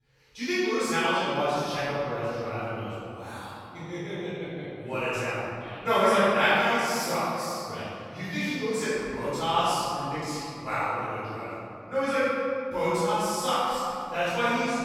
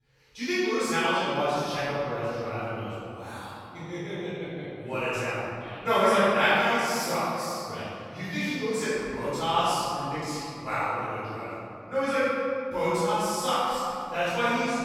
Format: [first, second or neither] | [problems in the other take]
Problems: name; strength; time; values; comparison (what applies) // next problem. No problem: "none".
neither | room echo; strong; dies away in 2.7 s; the same in both // off-mic speech; far; the same in both